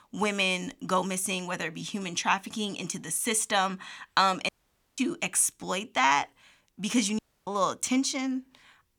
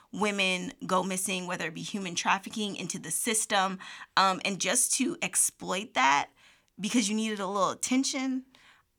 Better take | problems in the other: second | audio cutting out; at 4.5 s and at 7 s

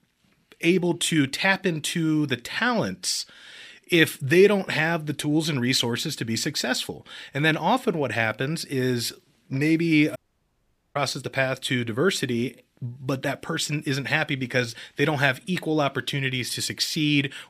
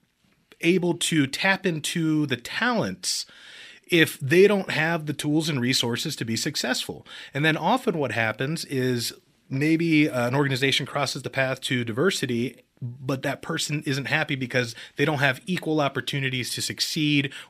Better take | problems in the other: second | audio cutting out; at 10 s for 1 s

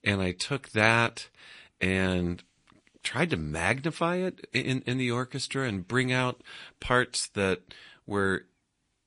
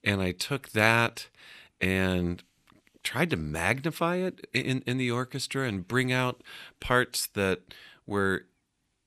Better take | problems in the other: second | garbled, watery; slightly; nothing above 10.5 kHz

